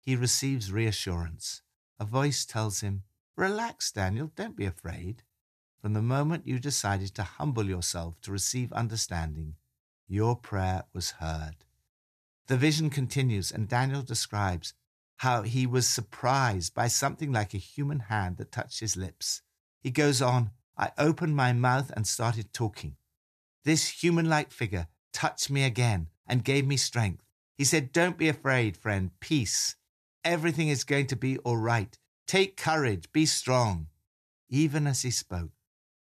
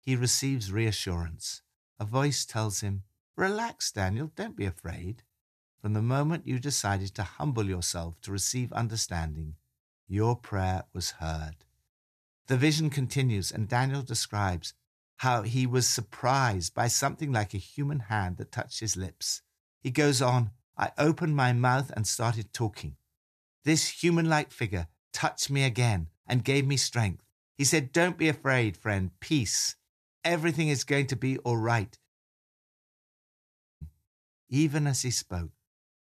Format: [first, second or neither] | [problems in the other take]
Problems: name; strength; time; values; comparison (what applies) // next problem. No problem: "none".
first | audio cutting out; at 32 s for 1.5 s